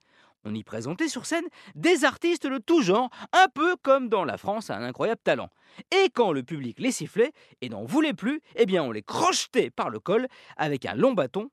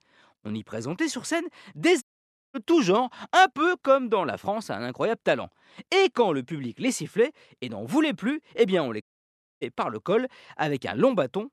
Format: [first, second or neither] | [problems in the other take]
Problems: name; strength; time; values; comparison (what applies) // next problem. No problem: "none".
first | audio cutting out; at 2 s for 0.5 s and at 9 s for 0.5 s